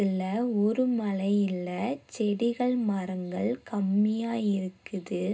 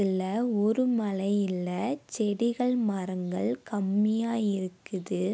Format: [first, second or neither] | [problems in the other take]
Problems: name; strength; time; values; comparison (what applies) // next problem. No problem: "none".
second | room echo; dies away in 0.2 s